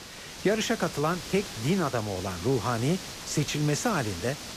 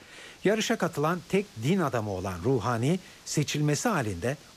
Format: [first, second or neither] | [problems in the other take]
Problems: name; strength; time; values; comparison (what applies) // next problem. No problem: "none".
second | hiss; loud; throughout; 9 dB below the speech; faint in the second